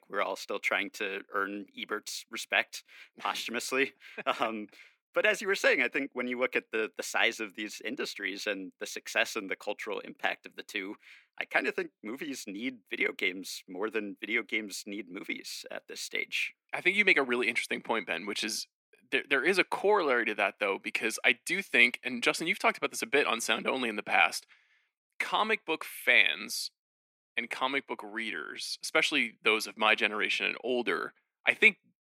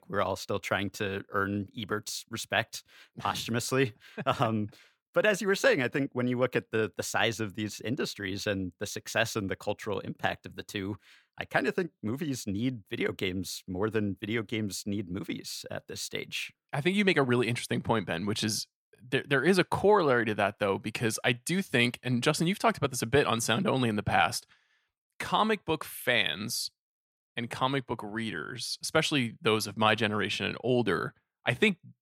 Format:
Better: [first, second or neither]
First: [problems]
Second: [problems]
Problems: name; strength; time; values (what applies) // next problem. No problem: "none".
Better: second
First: thin; very slightly; fading below 250 Hz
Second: none